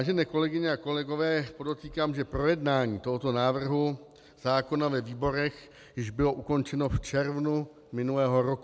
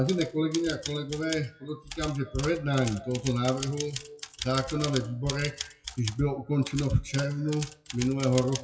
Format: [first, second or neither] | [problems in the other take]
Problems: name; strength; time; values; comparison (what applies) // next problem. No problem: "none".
first | noise reduction (classical method WPE with log-MMSE)